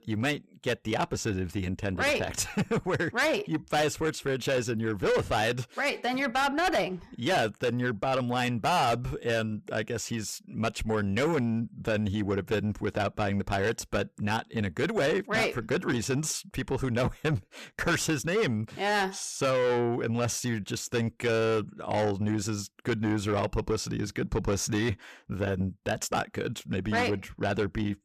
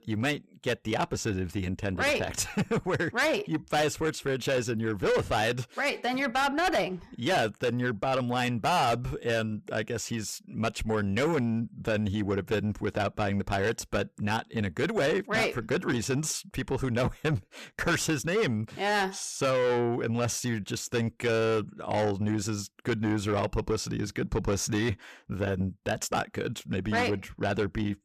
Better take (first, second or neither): neither